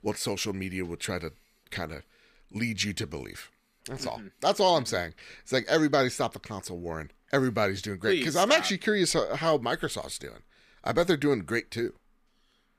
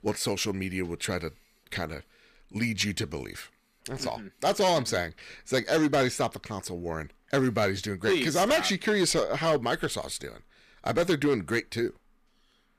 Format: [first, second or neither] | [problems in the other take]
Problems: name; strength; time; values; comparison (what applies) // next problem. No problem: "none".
first | distortion; slight; 4% of the sound clipped